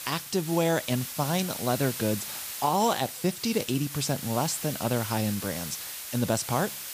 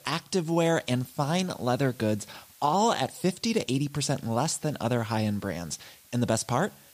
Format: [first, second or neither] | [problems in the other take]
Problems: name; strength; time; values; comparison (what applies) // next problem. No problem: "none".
second | hiss; loud; throughout; 7 dB below the speech; faint in the second